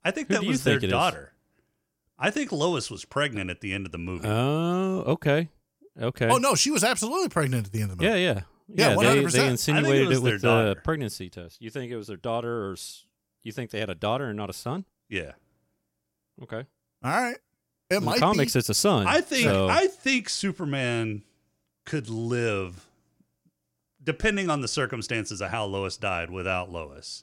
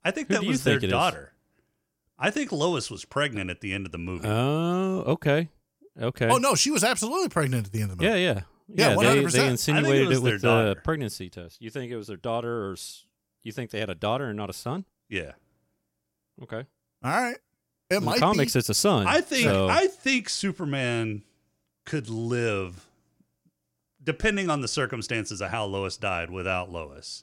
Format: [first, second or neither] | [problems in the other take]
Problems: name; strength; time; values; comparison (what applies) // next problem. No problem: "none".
neither | none